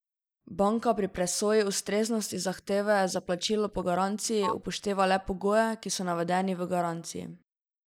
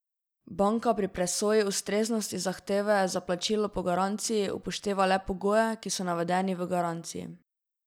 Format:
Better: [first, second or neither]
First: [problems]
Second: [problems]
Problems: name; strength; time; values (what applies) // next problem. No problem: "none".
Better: second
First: noise reduction (neural mask model Resemble Enhance denoiser)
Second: none